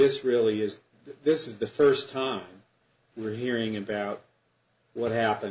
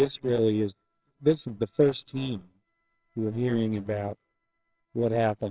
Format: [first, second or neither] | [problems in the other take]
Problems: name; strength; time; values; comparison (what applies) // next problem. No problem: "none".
first | noise reduction (neural separator model SepFormer WHAMR!)